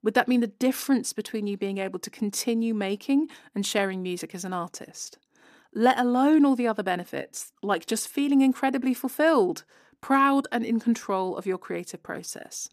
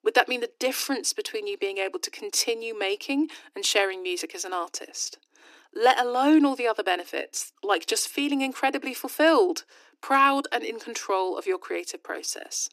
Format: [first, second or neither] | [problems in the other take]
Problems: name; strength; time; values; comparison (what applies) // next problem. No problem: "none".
first | thin; somewhat; fading below 300 Hz